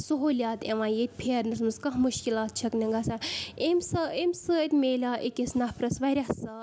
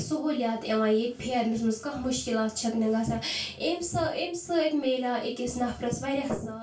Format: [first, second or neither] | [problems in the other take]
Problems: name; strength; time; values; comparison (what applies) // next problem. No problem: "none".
first | room echo; dies away in 0.2 s